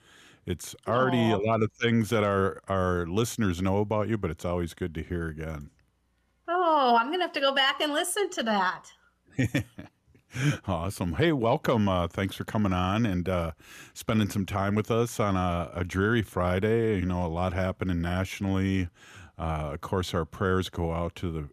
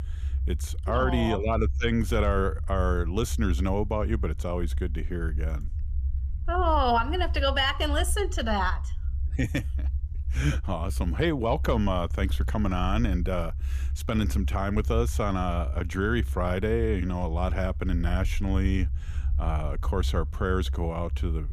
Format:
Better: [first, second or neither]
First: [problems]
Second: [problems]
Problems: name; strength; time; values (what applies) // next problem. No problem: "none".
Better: first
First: none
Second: low rumble; faint; throughout; 20 dB below the speech